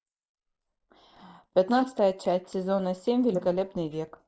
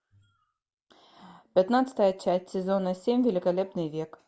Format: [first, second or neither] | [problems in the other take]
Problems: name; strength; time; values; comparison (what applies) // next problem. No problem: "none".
second | noise reduction (neural mask model Resemble Enhance denoiser)